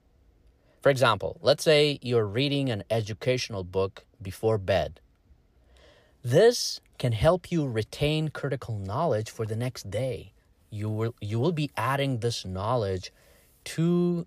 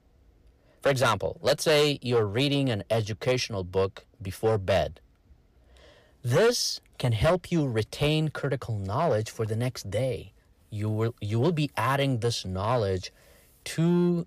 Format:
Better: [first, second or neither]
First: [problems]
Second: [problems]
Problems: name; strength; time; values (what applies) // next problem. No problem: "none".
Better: first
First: none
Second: distortion; slight; 4% of the sound clipped